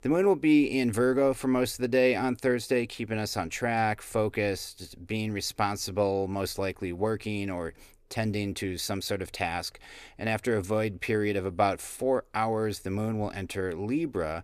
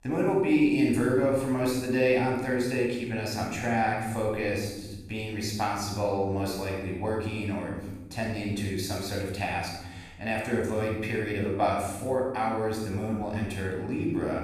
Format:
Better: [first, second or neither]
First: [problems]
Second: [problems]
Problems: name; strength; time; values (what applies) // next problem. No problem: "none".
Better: first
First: none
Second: off-mic speech; far // room echo; noticeable; dies away in 1.3 s